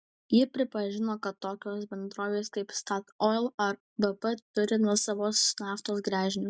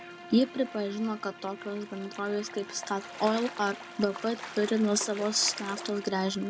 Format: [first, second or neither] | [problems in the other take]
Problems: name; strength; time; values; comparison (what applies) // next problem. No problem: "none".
first | background sound (Gull, seagull / Waves, surf + Bowed string instrument); 13 dB below the speech